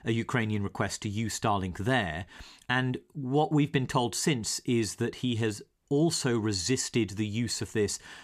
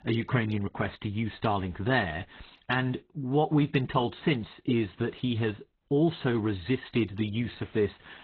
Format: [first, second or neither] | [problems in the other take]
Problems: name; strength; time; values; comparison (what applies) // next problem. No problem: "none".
first | garbled, watery; badly